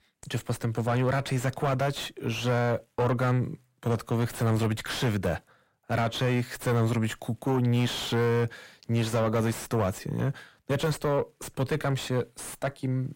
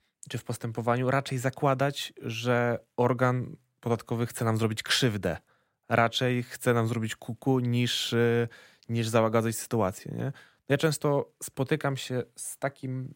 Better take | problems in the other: second | distortion; heavy; 5 dB below the speech

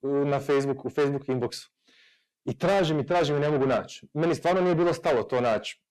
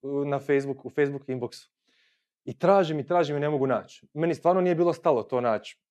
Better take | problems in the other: second | distortion; heavy; 7 dB below the speech

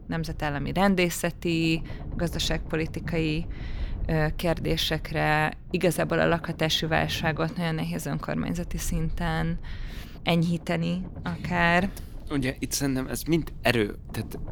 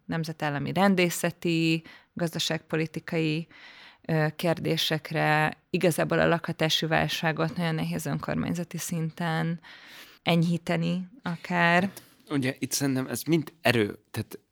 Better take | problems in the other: second | low rumble; faint; throughout; 20 dB below the speech

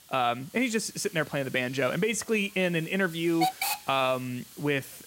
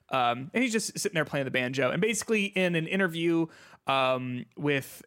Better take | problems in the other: second | hiss; loud; throughout; 7 dB below the speech

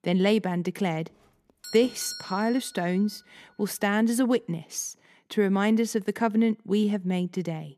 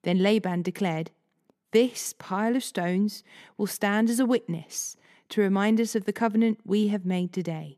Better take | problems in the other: second | doorbell; noticeable; from 1.5 to 3 s; peak 9 dB below the speech

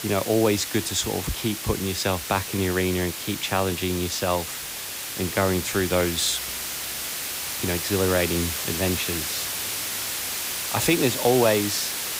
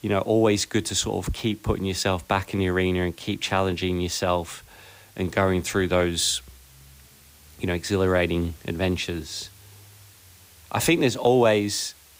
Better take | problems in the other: second | hiss; loud; throughout; 3 dB below the speech; faint in the second

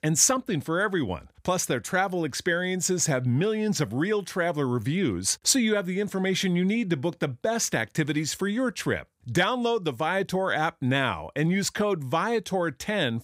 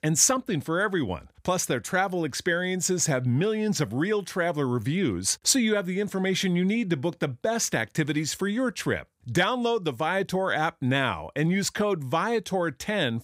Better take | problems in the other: neither | none

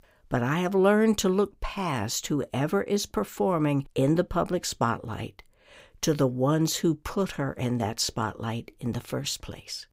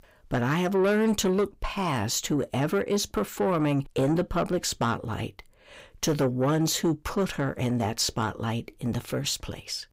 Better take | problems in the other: first | distortion; slight; 10 dB below the speech

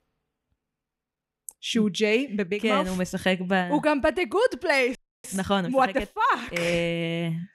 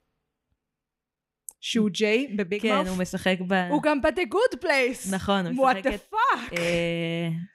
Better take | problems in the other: second | audio freezing; at 5 s

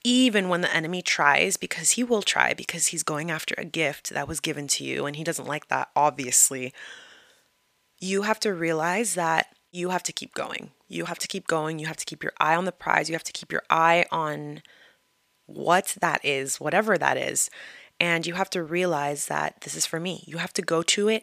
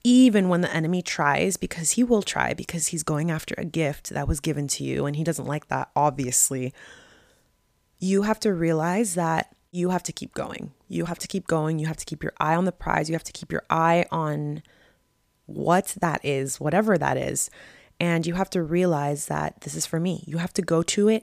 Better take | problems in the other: second | thin; somewhat; fading below 450 Hz

